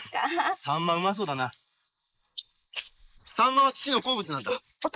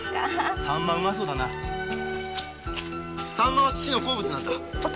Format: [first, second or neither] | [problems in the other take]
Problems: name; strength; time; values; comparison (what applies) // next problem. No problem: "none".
second | noise reduction (neural mask model Resemble Enhance denoiser)